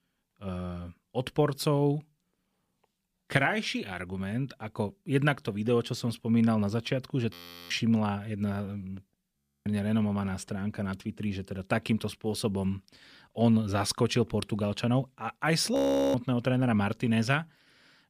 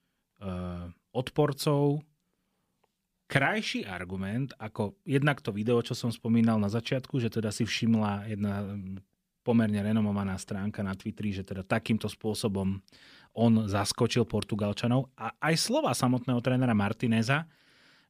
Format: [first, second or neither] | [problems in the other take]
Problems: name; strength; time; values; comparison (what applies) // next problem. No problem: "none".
second | audio freezing; at 7.5 s, at 9.5 s and at 16 s